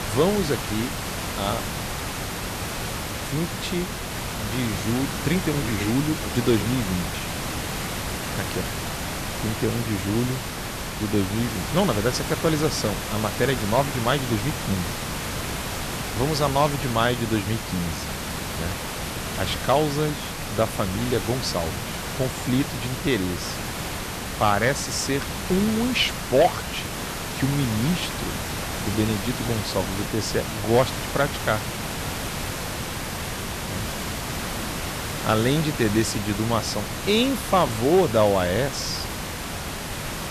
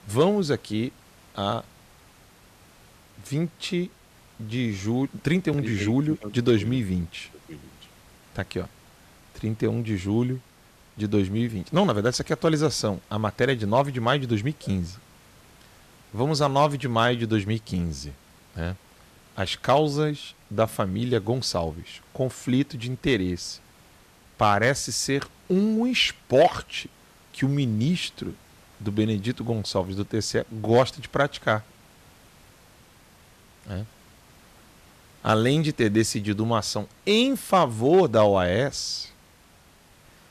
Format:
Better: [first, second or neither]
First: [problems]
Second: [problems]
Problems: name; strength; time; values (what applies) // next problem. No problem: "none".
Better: second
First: hiss; loud; throughout; 4 dB below the speech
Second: hiss; faint; throughout; 30 dB below the speech